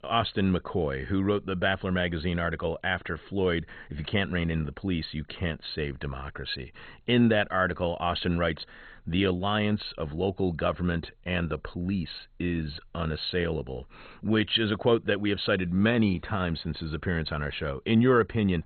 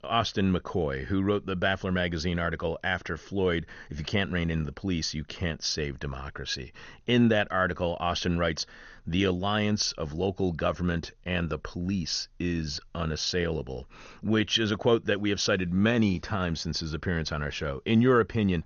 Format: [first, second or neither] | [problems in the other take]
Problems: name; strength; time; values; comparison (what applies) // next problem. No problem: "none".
second | garbled, watery; badly; nothing above 4 kHz; slightly in the second